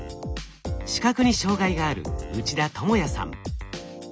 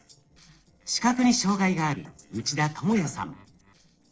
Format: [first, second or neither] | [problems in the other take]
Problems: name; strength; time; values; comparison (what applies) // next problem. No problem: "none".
first | noise reduction (neural separator model SepFormer DNS4)